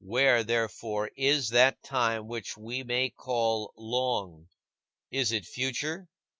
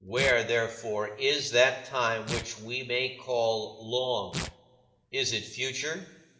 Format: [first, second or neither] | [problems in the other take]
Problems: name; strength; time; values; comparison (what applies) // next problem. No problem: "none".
first | background sound (Tearing); 14 dB below the speech // room echo; dies away in 1.4 s